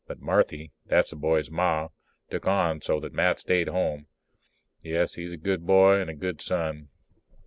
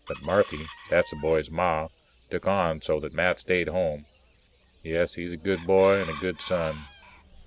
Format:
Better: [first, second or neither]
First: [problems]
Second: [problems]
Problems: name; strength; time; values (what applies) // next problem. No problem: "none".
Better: first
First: none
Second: background sound (Chicken, rooster); 19 dB below the speech